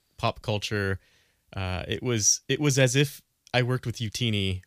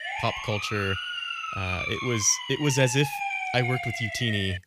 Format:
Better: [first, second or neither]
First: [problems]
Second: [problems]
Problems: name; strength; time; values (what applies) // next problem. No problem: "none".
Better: first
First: none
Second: siren; noticeable; peak 2 dB below the speech